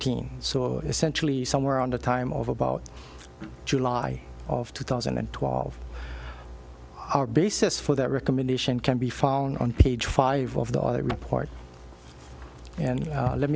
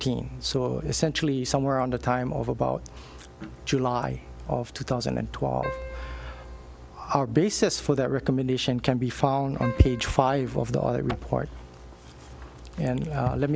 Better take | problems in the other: first | background sound (Keyboard (musical)); 13 dB below the speech

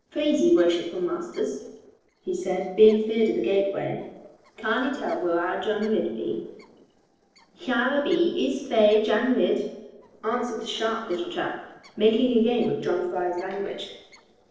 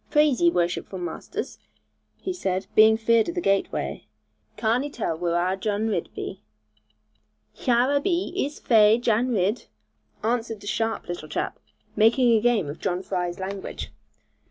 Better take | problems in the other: second | noise reduction (neural separator model SepFormer DNS4)

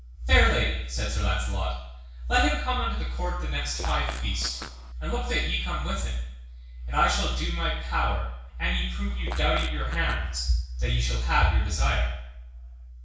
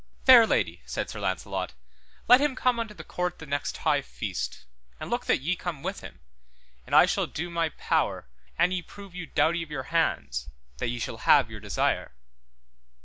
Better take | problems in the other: second | background sound (Fart); 15 dB below the speech // room echo; dies away in 0.6 s

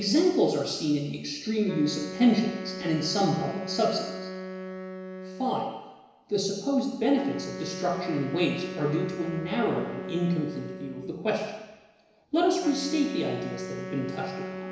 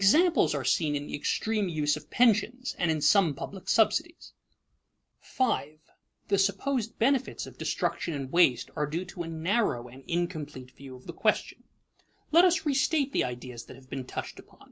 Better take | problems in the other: second | background sound (Wind instrument, woodwind instrument); 10 dB below the speech // room echo; dies away in 1 s

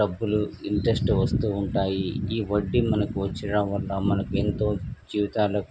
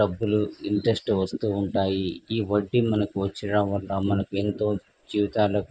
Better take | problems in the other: first | noise reduction (neural mask model Resemble Enhance denoiser)

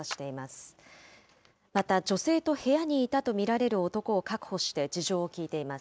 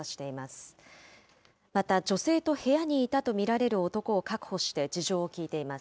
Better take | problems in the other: second | background sound (Clapping); 19 dB below the speech

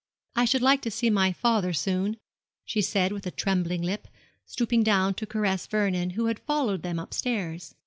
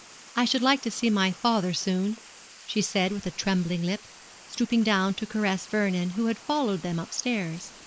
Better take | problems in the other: first | noise reduction (neural mask model Resemble Enhance denoiser)

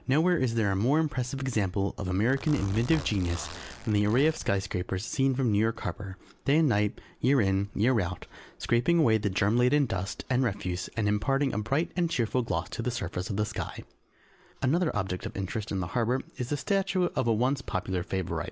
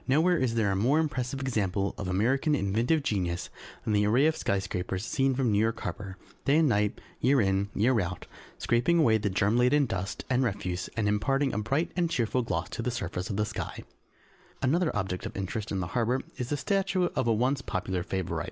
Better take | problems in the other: second | background sound (Zipper (clothing)); 13 dB below the speech

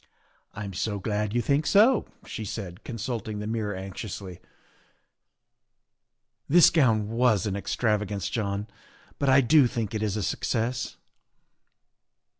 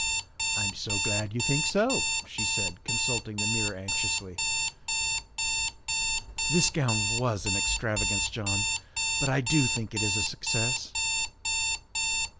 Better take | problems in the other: first | background sound (Alarm); 3 dB above the speech

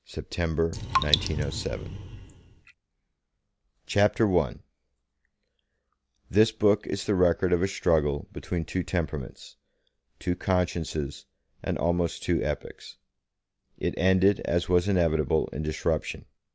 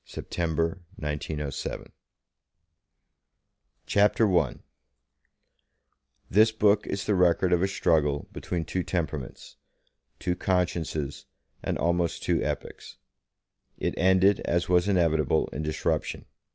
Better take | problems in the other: second | background sound (Raindrop); 4 dB below the speech

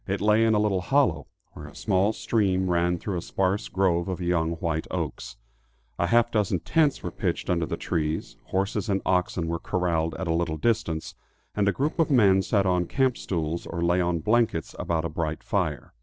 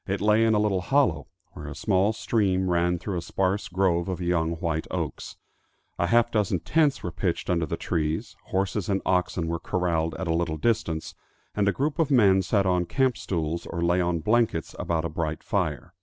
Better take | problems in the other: second | noise reduction (neural separator model SepFormer DNS4)

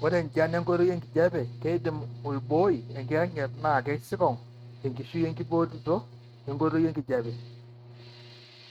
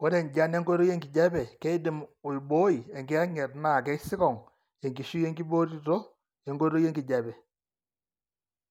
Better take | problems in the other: second | noise reduction (neural mask model RNNoise)

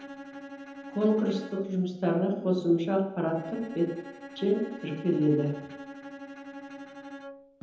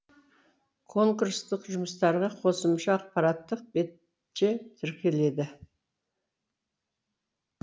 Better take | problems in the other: second | background sound (Bowed string instrument); 15 dB below the speech // room echo; dies away in 0.9 s

